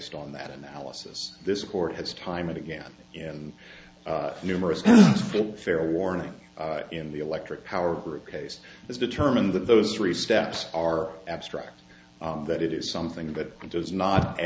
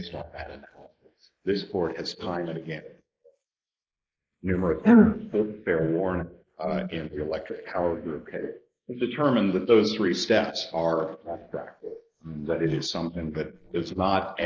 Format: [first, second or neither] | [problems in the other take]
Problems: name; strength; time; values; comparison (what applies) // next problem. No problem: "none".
first | noise reduction (neural mask model Resemble Enhance denoiser)